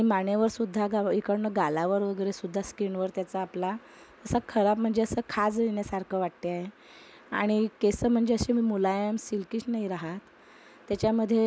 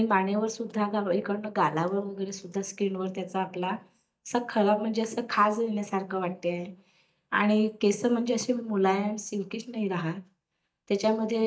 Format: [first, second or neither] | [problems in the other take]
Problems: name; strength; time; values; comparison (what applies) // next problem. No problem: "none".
first | noise reduction (neural mask model DeepFilterNet 3)